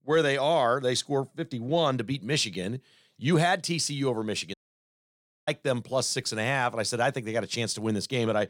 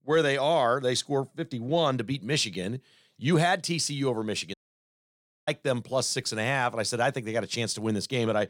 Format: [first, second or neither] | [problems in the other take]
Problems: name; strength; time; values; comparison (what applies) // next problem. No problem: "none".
neither | audio cutting out; at 4.5 s for 1 s; the same in both